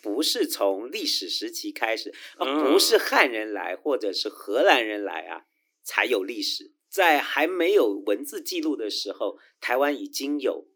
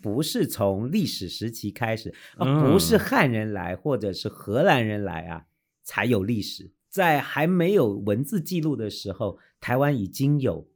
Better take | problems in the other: second | thin; somewhat; fading below 300 Hz

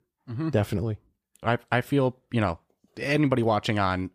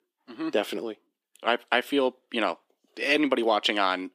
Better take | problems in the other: first | thin; somewhat; fading below 250 Hz

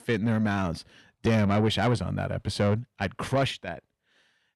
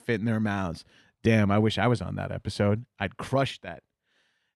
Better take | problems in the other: second | distortion; slight; 10 dB below the speech

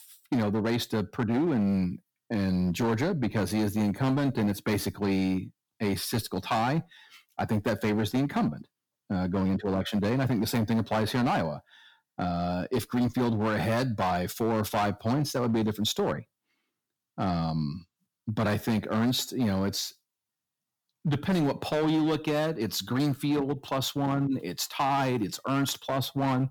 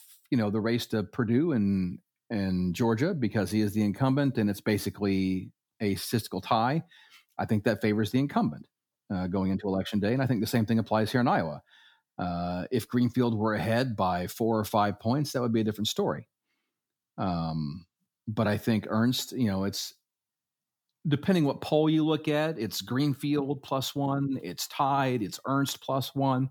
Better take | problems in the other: second | distortion; slight; 11% of the sound clipped

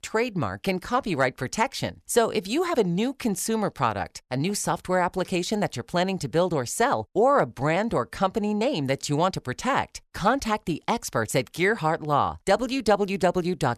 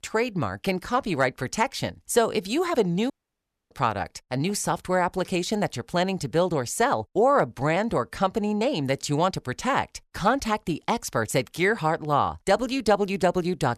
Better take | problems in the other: first | audio cutting out; at 3 s for 0.5 s

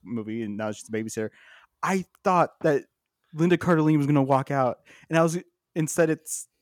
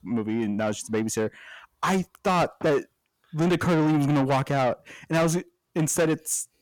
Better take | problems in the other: first | distortion; heavy; 7 dB below the speech

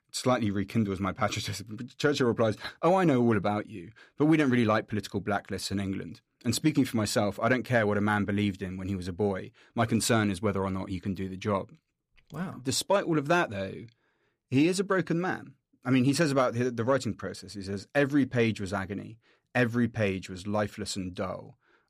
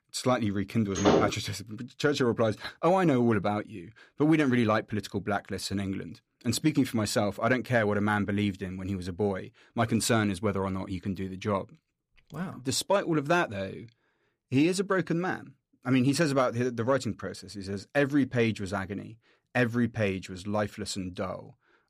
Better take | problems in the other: first | door banging; loud; at 1 s; peak 4 dB above the speech

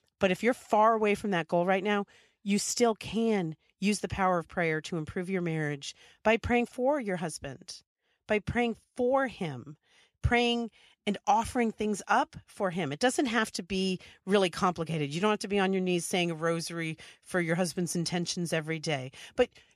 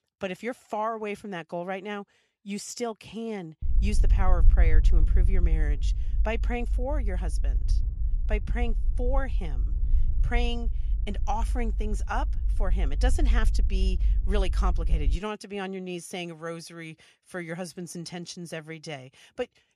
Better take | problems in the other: first | low rumble; noticeable; from 3.5 to 15 s; 15 dB below the speech

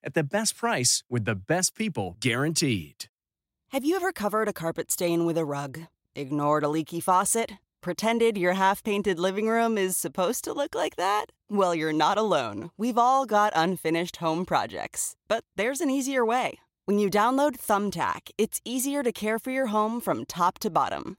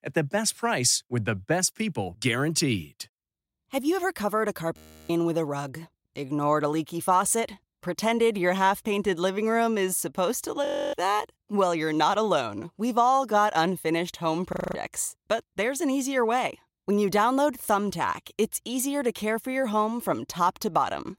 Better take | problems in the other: first | audio freezing; at 5 s, at 11 s and at 15 s

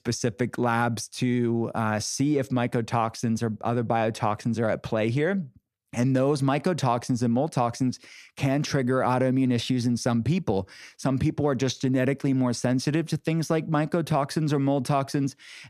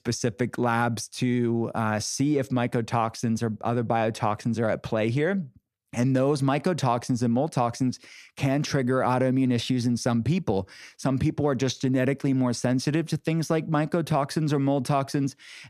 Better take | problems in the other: neither | none

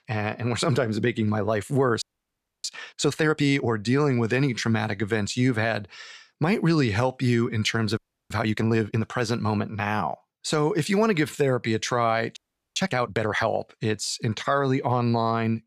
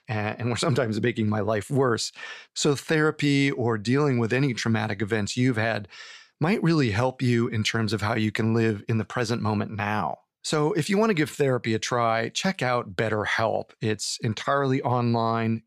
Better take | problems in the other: second | audio freezing; at 2 s for 0.5 s, at 8 s and at 12 s

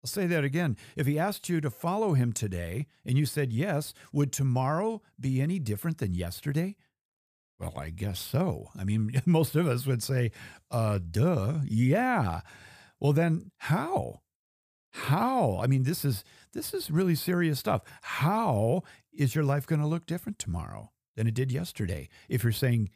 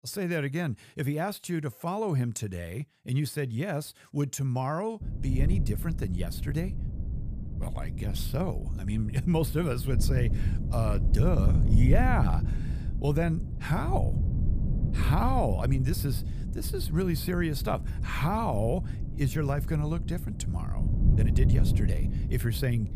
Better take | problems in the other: first | wind noise on the microphone; heavy; from 5 s on; 10 dB below the speech

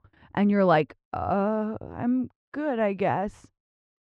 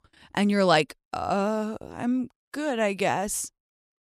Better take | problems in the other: second | muffled; very; fading above 1.5 kHz

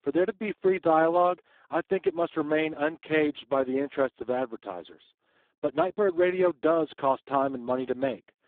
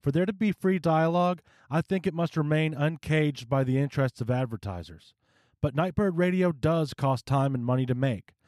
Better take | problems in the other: second | phone-call audio; poor line

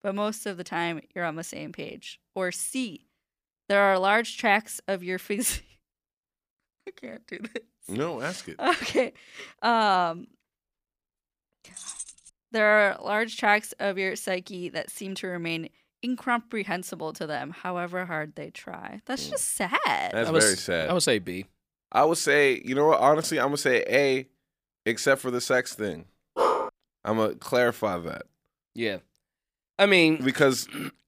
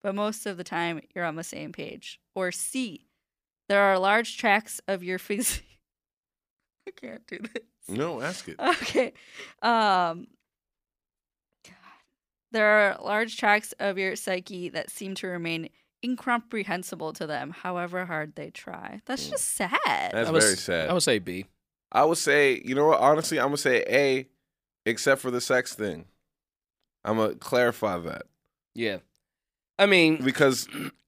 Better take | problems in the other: second | jangling keys; faint; at 12 s; peak 10 dB below the speech // dog barking; loud; at 26 s; peak 1 dB above the speech

